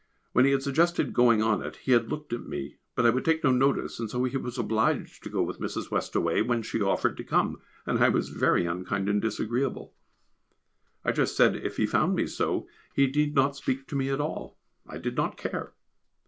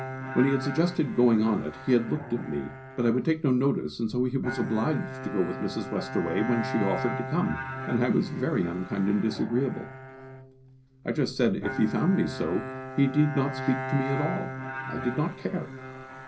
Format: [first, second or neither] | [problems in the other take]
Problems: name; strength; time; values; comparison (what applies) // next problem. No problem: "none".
first | background sound (Bowed string instrument); 9 dB below the speech // room echo; dies away in 0.5 s